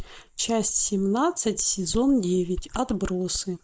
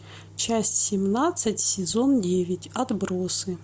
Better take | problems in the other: second | noise reduction (neural mask model Resemble Enhance denoiser)

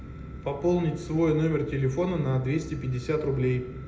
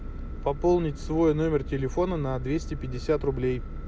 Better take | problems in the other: second | room echo; dies away in 0.7 s

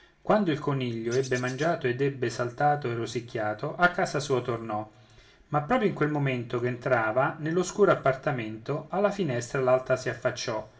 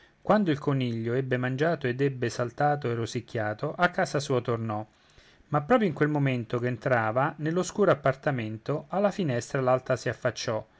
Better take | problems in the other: second | background sound (Bird); 18 dB below the speech // room echo; dies away in 0.5 s

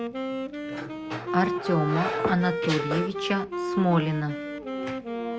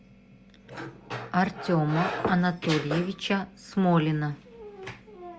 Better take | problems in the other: second | background sound (Wind instrument, woodwind instrument); 4 dB below the speech

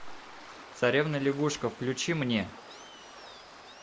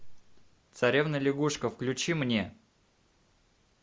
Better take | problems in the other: second | background sound (Waves, surf); 16 dB below the speech

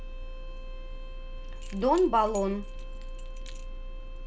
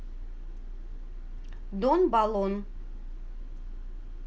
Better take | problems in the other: second | background sound (Keys jangling + Bowed string instrument); 20 dB below the speech

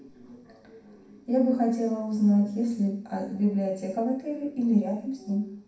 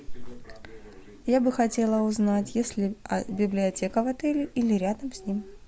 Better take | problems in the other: second | room echo; dies away in 0.6 s

